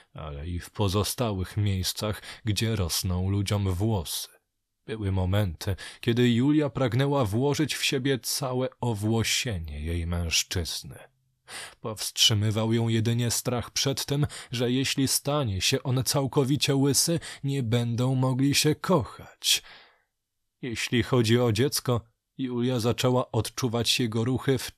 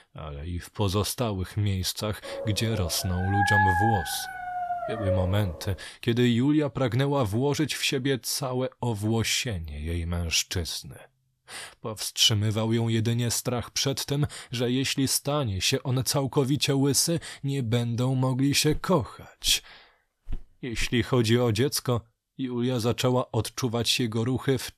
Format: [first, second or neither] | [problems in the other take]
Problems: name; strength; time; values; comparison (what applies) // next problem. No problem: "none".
first | dog barking; loud; from 2.5 to 5.5 s; peak 4 dB above the speech // footsteps; faint; from 19 to 21 s; peak 15 dB below the speech